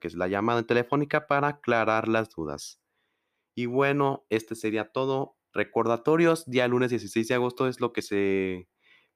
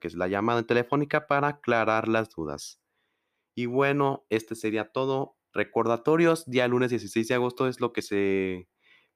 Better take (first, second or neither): neither